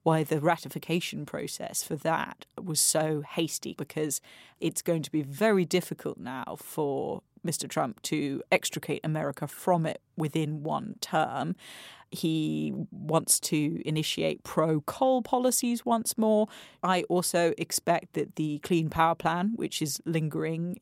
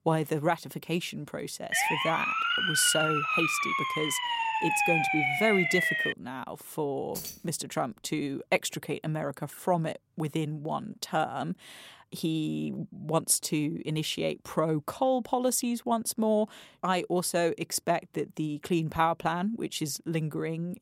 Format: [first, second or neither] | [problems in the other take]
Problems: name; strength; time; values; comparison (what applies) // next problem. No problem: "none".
first | siren; loud; from 1.5 to 6 s; peak 5 dB above the speech // jangling keys; noticeable; at 7 s; peak 8 dB below the speech